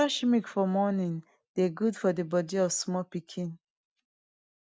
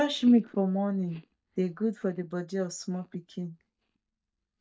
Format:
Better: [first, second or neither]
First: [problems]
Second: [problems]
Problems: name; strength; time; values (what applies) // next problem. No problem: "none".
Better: first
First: none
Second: noise reduction (neural mask model DeepFilterNet 3)